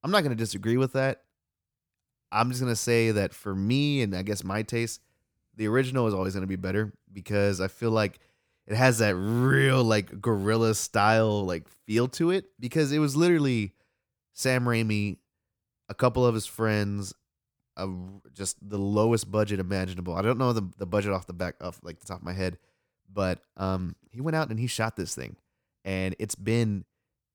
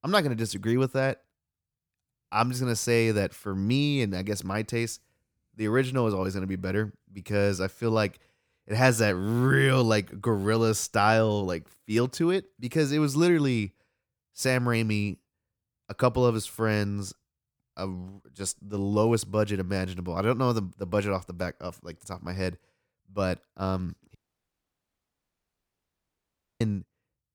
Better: first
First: none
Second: audio cutting out; at 24 s for 2.5 s

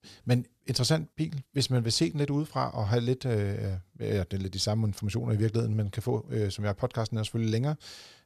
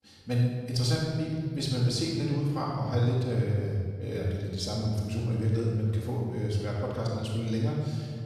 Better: first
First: none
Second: room echo; noticeable; dies away in 2 s // off-mic speech; far

